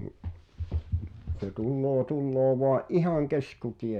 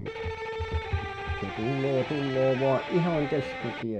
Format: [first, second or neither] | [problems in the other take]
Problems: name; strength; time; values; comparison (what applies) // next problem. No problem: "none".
first | background sound (Electric guitar); 7 dB below the speech